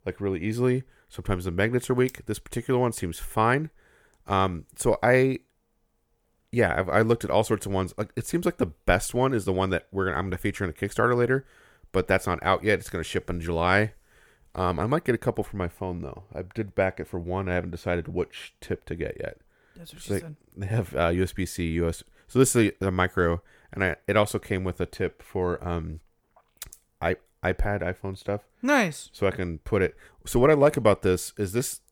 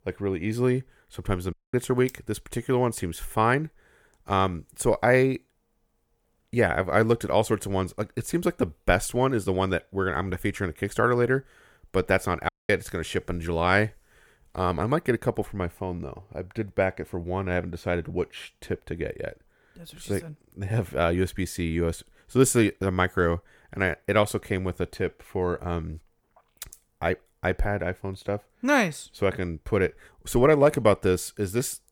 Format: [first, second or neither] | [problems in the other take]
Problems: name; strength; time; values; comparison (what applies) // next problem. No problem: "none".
first | audio cutting out; at 1.5 s and at 12 s